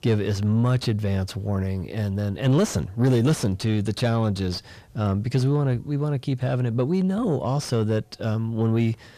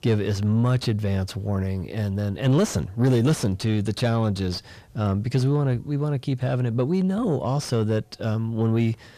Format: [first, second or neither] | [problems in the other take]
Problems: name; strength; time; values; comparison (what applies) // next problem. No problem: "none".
neither | distortion; slight; 10 dB below the speech; the same in both